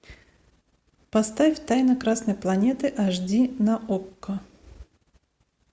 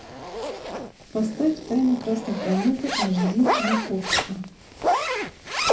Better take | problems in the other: first | background sound (Zipper (clothing)); 2 dB below the speech // room echo; dies away in 0.4 s

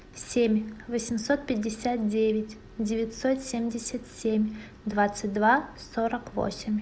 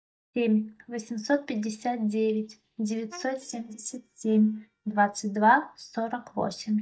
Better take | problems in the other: first | noise reduction (neural mask model DeepFilterNet 3)

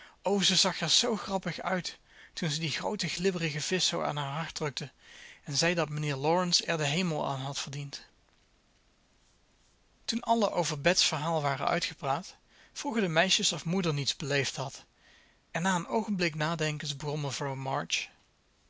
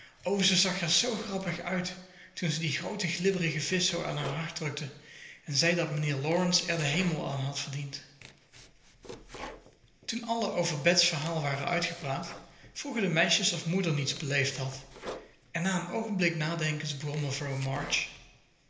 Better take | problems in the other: first | background sound (Domestic sounds, home sounds); 18 dB below the speech // room echo; dies away in 0.8 s

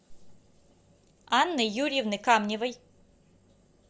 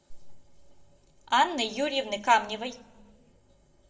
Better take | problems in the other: first | room echo; dies away in 0.5 s

